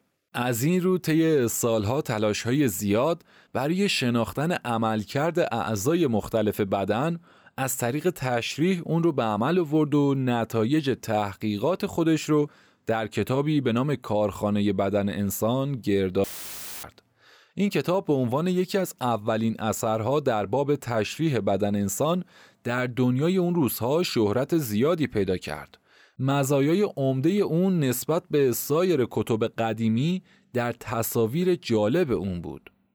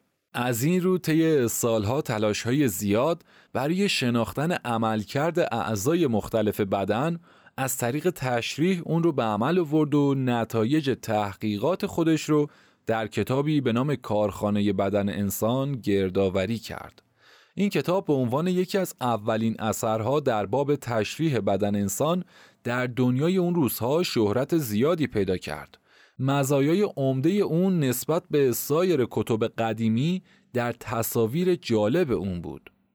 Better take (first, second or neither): second